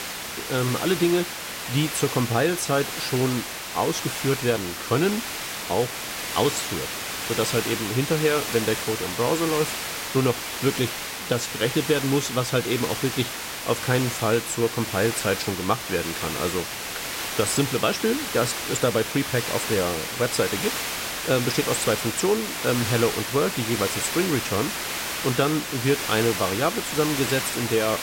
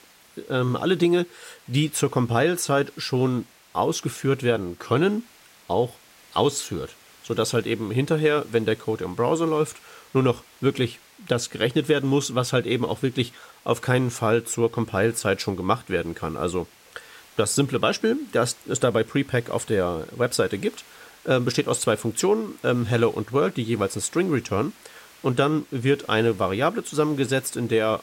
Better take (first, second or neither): second